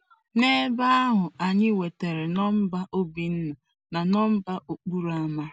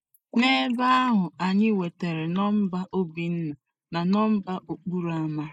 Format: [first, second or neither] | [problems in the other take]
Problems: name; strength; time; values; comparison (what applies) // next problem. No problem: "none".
first | noise reduction (neural mask model Resemble Enhance denoiser)